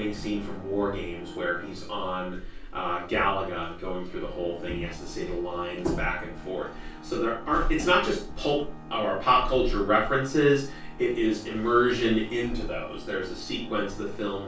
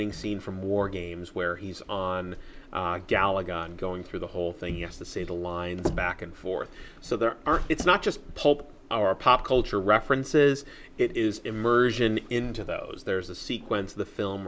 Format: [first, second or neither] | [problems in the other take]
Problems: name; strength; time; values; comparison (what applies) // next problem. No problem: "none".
second | background sound (Organ); 19 dB below the speech // room echo; dies away in 0.3 s